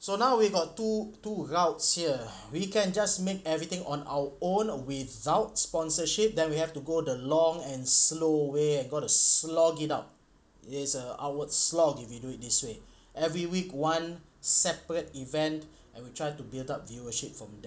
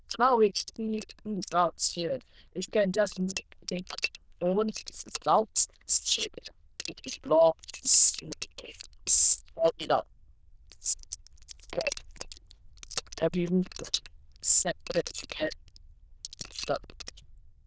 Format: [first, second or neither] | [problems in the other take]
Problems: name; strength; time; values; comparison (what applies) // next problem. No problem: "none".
first | noise reduction (neural diffusion model UNIVERSE++)